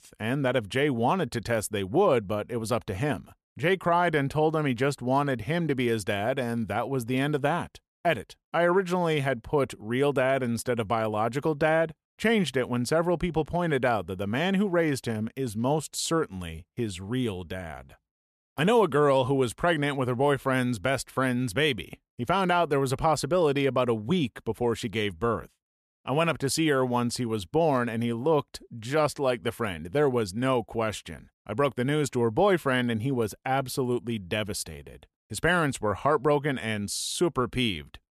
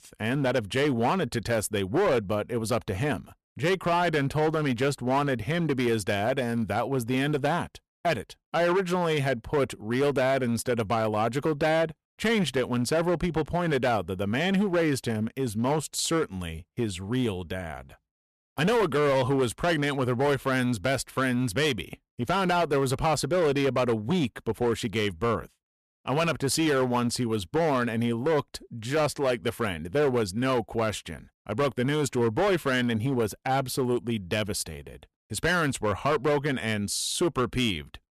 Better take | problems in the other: first | distortion; slight; 10% of the sound clipped

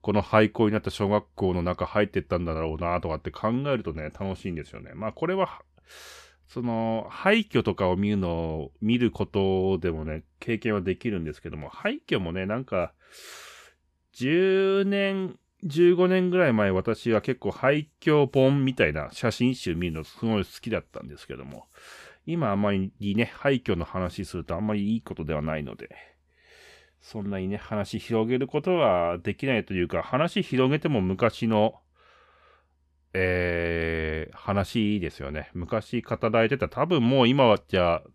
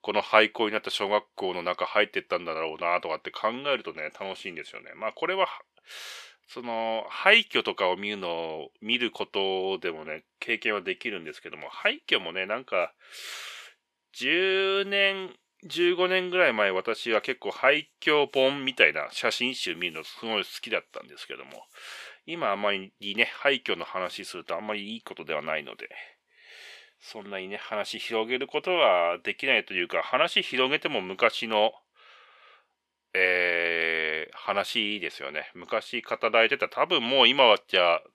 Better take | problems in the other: first | thin; somewhat; fading below 500 Hz

